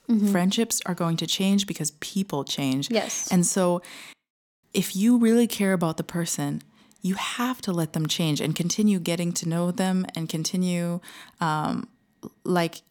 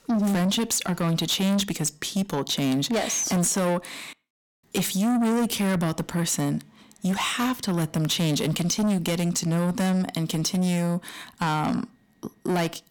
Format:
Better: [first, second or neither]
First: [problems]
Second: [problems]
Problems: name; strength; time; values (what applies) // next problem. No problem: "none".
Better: first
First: none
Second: distortion; heavy; 8 dB below the speech